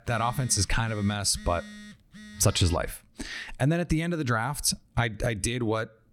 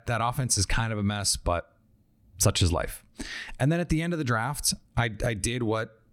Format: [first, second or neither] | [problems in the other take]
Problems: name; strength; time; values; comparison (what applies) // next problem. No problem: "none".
second | alarms or sirens; noticeable; until 3 s; 20 dB below the speech